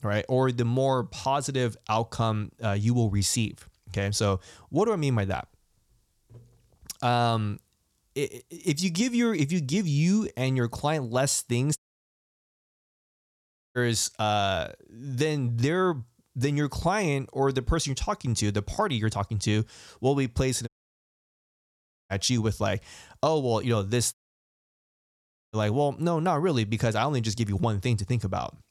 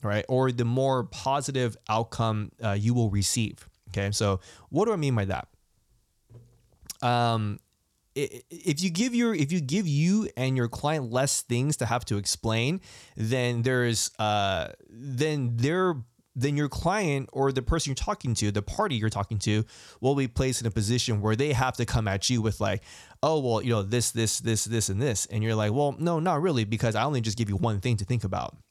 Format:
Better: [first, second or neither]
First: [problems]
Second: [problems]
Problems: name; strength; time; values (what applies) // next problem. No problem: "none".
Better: second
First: audio cutting out; at 12 s for 2 s, at 21 s for 1.5 s and at 24 s for 1.5 s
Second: none